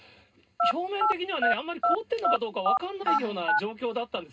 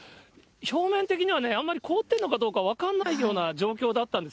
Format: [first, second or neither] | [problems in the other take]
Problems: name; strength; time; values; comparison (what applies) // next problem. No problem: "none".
second | background sound (Telephone); 5 dB above the speech // room echo; dies away in 0.2 s